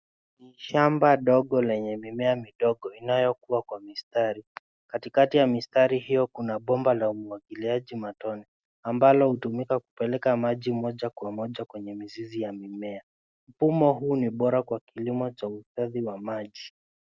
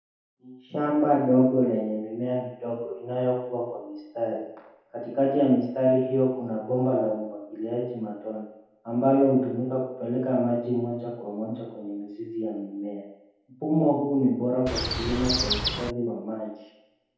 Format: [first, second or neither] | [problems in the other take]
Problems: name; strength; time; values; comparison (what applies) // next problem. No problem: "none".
first | background sound (Chirp, tweet); 2 dB below the speech // room echo; dies away in 0.8 s